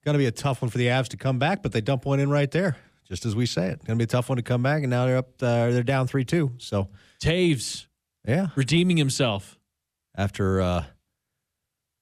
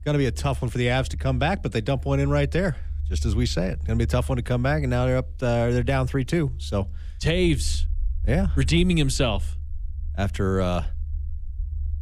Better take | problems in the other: first | low rumble; faint; throughout; 25 dB below the speech

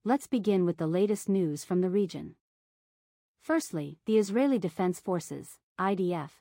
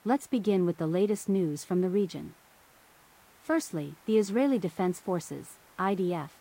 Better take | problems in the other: first | hiss; faint; throughout; 30 dB below the speech

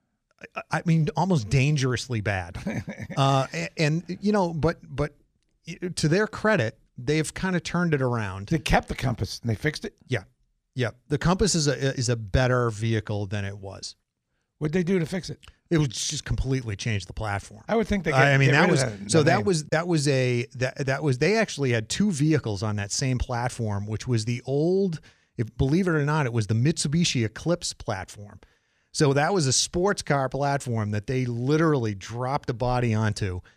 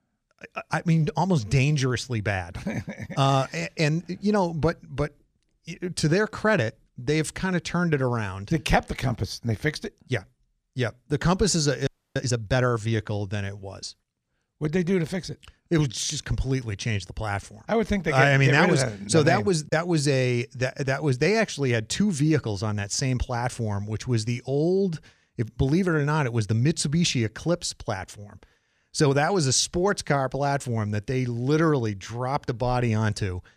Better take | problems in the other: first | audio freezing; at 12 s

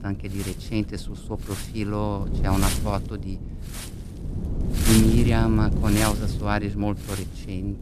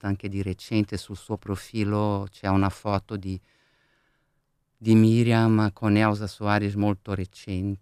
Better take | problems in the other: second | wind noise on the microphone; heavy; 4 dB below the speech

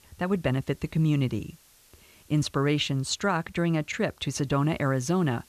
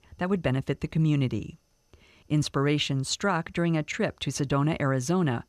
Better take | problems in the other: second | hiss; faint; throughout; 30 dB below the speech

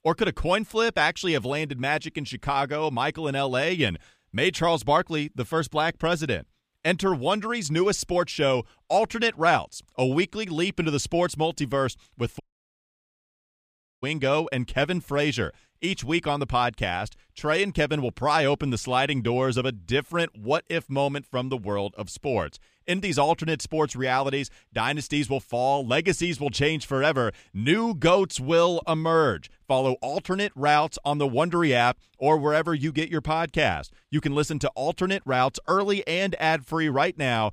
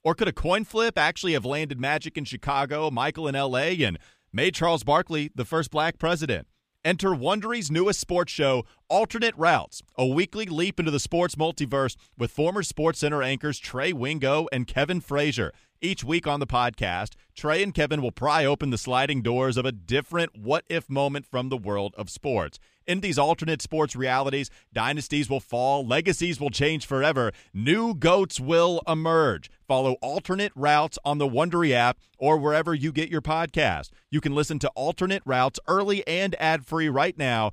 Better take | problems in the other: second | audio cutting out; at 12 s for 1.5 s

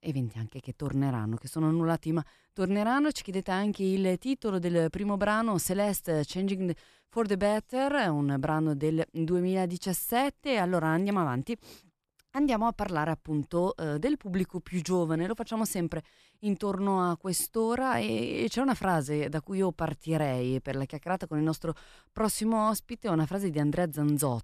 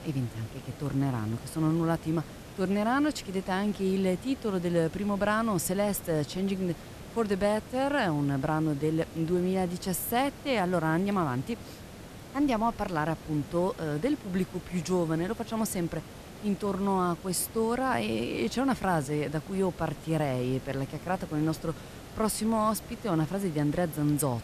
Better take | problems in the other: first | hiss; noticeable; throughout; 15 dB below the speech

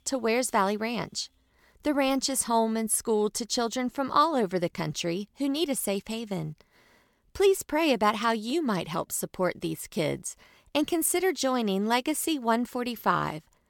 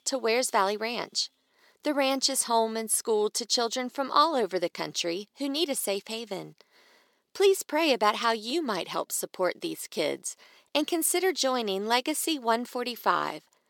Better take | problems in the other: first | thin; very slightly; fading below 350 Hz

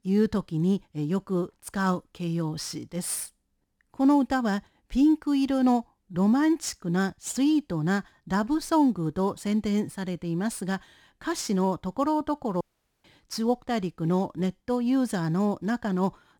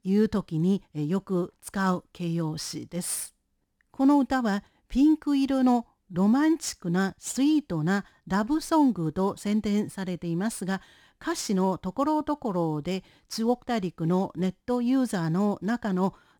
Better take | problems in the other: second | audio cutting out; at 13 s

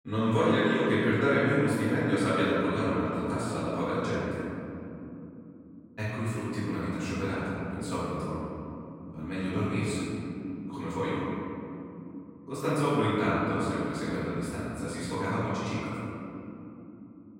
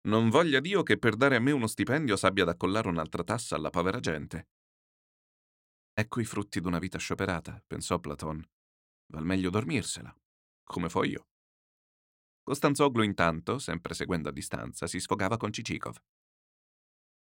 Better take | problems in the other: second | room echo; strong; dies away in 3 s // off-mic speech; far

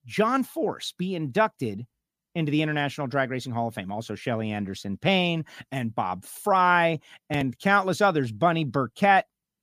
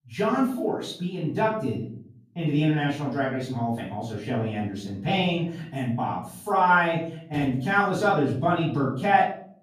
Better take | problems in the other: first | room echo; noticeable; dies away in 0.6 s // off-mic speech; far

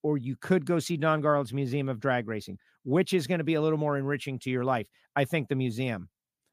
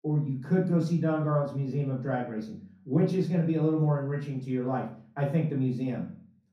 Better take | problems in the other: first | room echo; noticeable; dies away in 0.5 s // off-mic speech; far

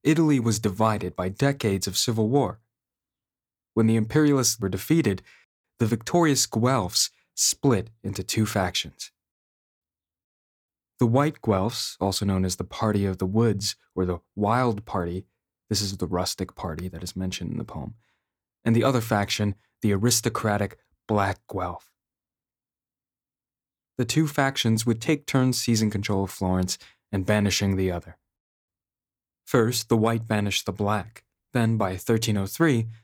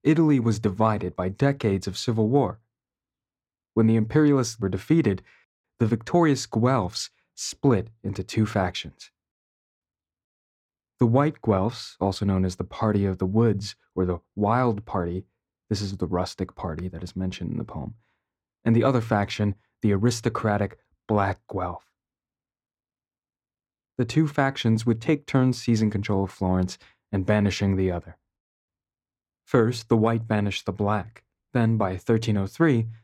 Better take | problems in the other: first | muffled; slightly; fading above 2 kHz

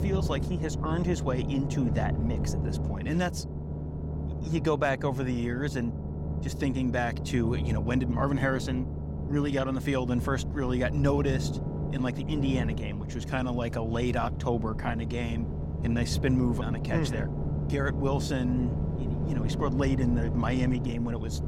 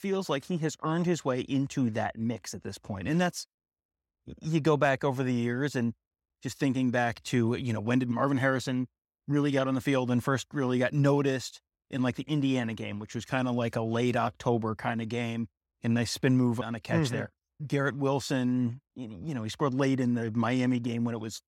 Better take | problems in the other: second | low rumble; loud; throughout; 8 dB below the speech

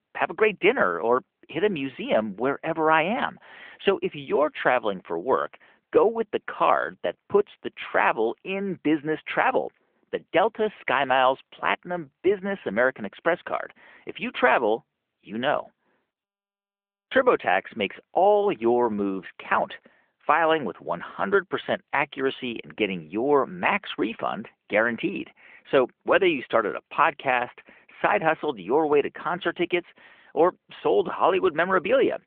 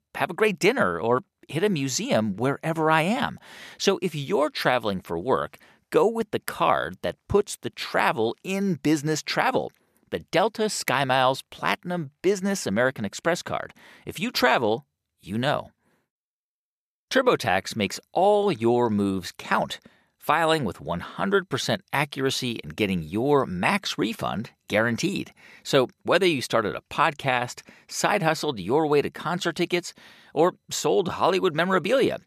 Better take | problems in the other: second | phone-call audio

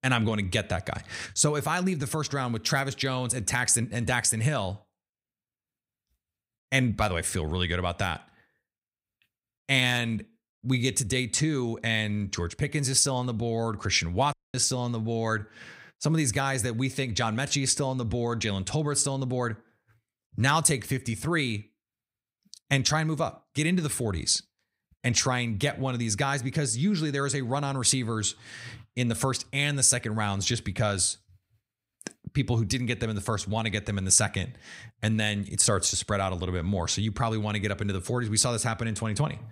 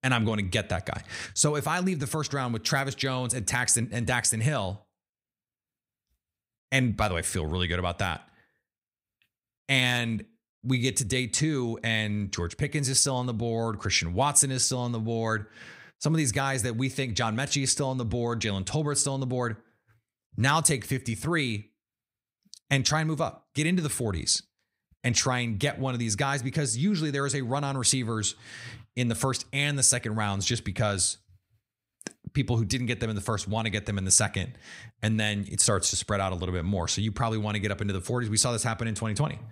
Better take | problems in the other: second | audio cutting out; at 14 s

